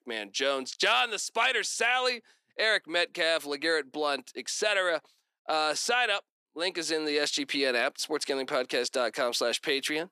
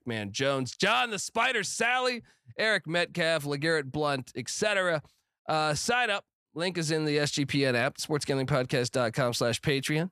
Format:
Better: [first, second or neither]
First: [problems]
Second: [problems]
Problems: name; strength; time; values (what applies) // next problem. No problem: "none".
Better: second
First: thin; somewhat; fading below 300 Hz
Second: none